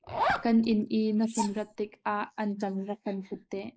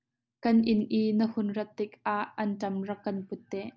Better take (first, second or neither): second